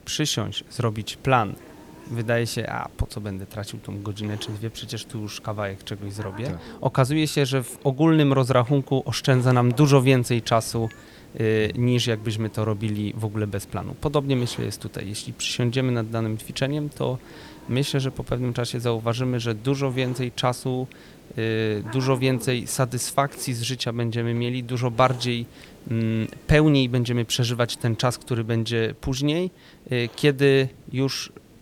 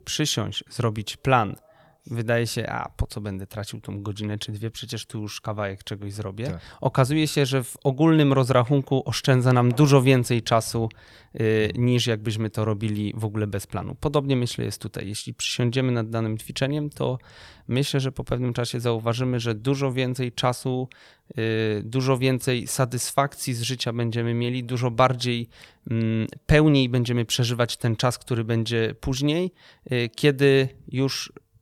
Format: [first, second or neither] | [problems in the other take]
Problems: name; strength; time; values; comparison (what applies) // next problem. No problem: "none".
second | hiss; faint; throughout; 20 dB below the speech